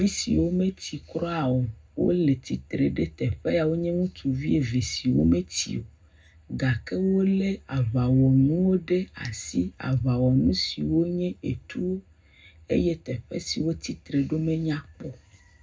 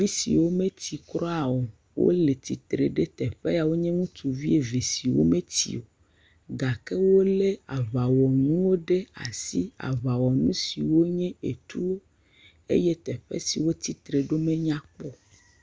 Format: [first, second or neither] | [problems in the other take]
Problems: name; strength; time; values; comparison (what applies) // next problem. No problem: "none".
second | room echo; dies away in 0.3 s